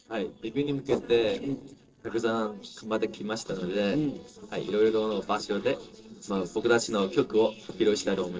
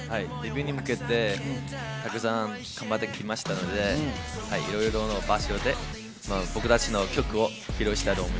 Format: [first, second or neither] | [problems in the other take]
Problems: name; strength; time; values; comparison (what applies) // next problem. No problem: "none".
second | noise reduction (neural separator model SepFormer DNS4)